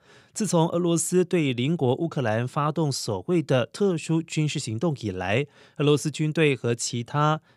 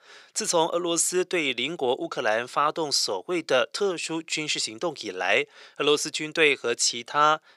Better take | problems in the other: first | thin; very; fading below 500 Hz

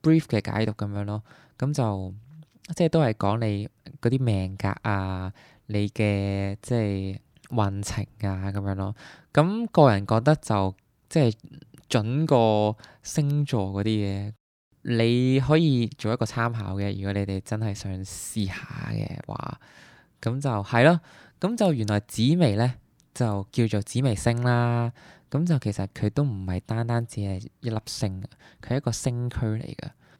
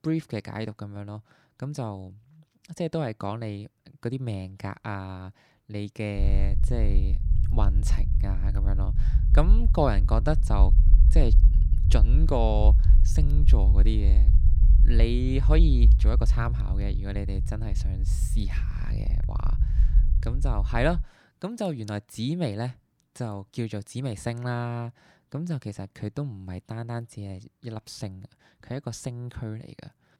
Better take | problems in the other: first | low rumble; loud; from 6 to 21 s; 10 dB below the speech

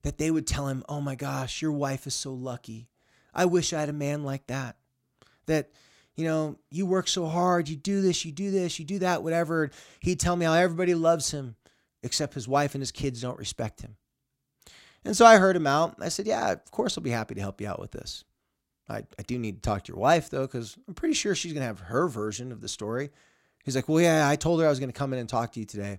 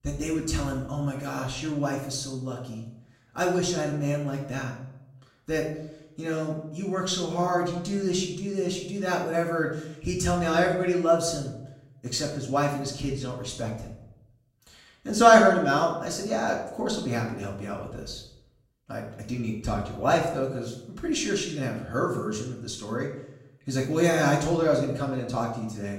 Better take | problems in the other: first | off-mic speech; far // room echo; noticeable; dies away in 0.6 s

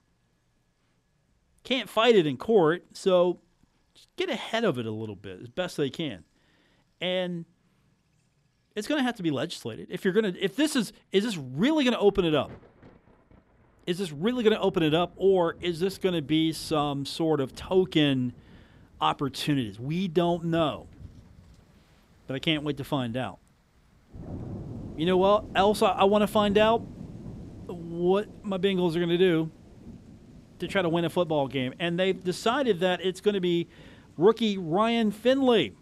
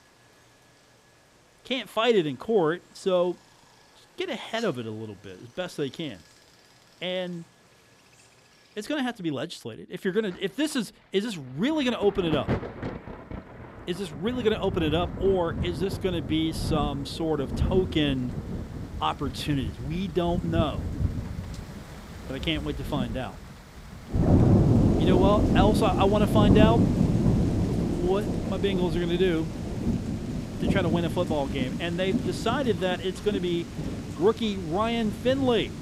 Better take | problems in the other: first | rain or running water; loud; throughout; as loud as the speech; faint in the first

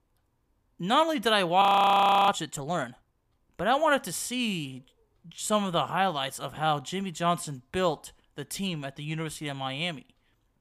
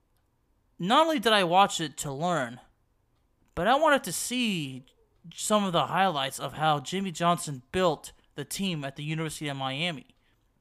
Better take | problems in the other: second | audio freezing; at 1.5 s for 0.5 s

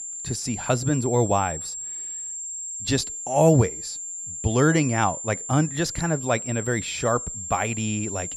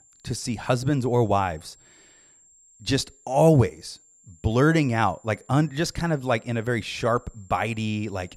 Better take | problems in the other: second | high-pitched whine; loud; throughout; 7.5 kHz, 7 dB below the speech; faint in the second

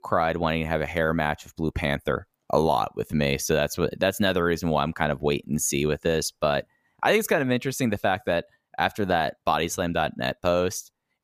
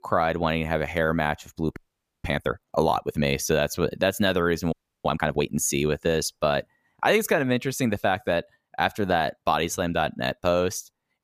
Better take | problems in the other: first | audio freezing; at 2 s and at 4.5 s

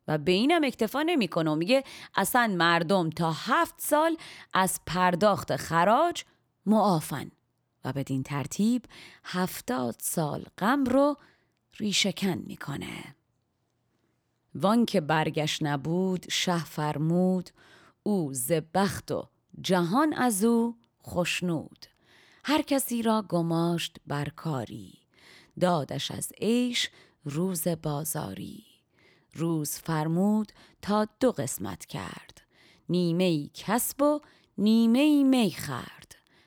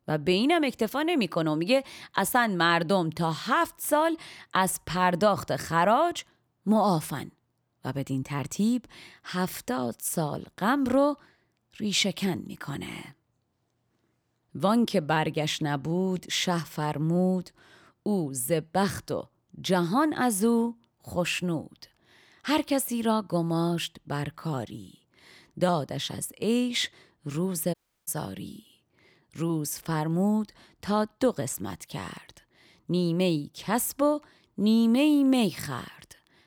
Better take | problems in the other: first | audio cutting out; at 28 s

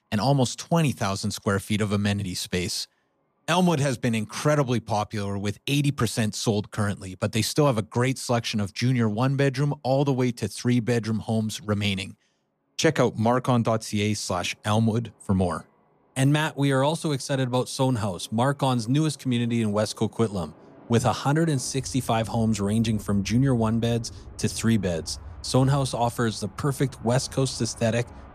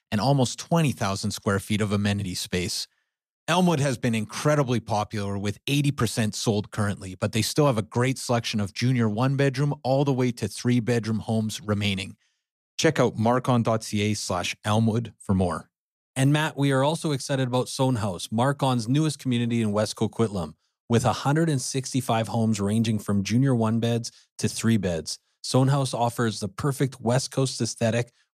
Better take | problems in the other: second | train or aircraft noise; faint; throughout; 20 dB below the speech

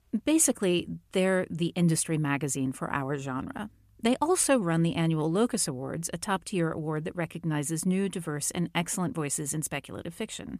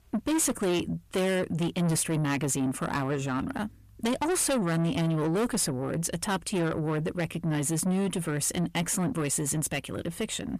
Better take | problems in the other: first | distortion; heavy; 7 dB below the speech

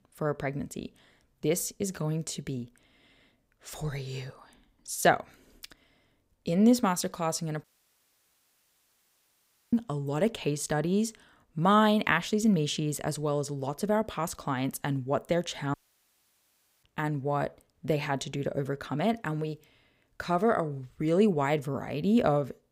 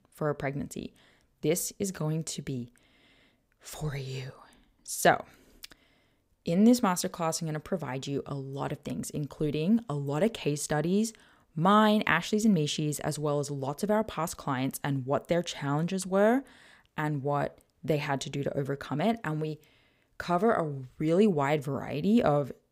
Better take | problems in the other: second | audio cutting out; at 7.5 s for 2 s and at 16 s for 1 s

